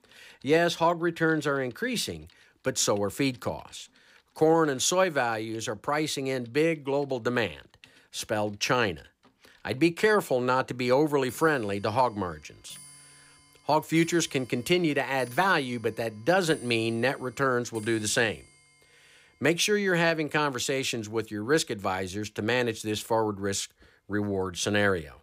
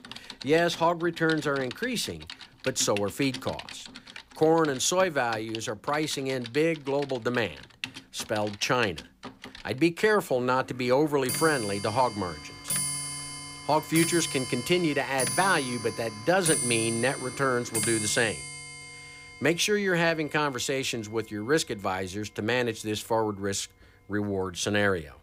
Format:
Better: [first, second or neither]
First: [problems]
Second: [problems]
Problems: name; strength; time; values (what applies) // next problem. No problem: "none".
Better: first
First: household noises; faint; throughout; 25 dB below the speech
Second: household noises; loud; throughout; 7 dB below the speech